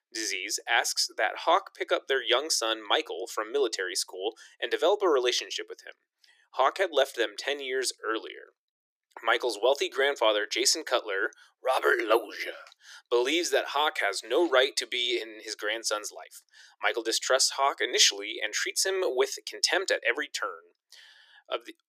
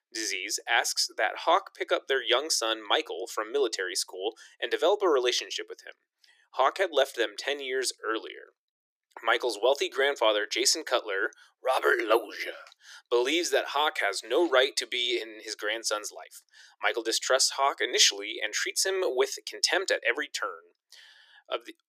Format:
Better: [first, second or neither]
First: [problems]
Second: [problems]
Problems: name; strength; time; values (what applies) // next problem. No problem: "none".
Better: neither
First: thin; very; fading below 350 Hz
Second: thin; very; fading below 350 Hz